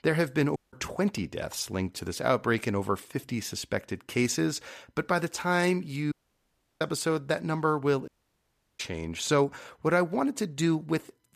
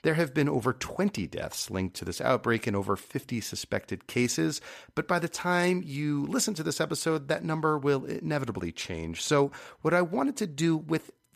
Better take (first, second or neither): second